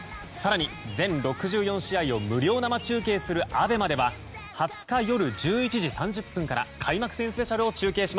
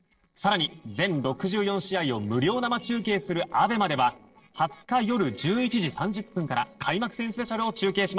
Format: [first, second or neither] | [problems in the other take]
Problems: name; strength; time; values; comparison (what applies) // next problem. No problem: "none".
first | noise reduction (neural separator model SepFormer DNS4)